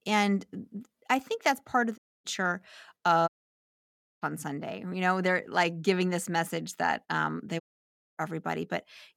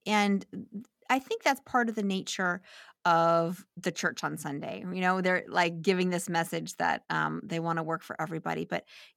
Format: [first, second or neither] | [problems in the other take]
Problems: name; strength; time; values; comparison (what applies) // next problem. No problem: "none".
second | audio cutting out; at 2 s, at 3.5 s for 1 s and at 7.5 s for 0.5 s